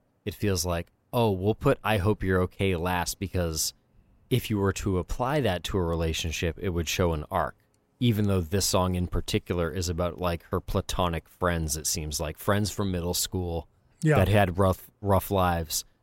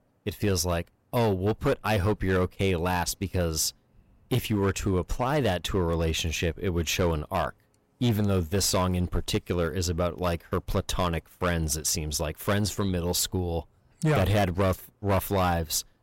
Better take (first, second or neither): first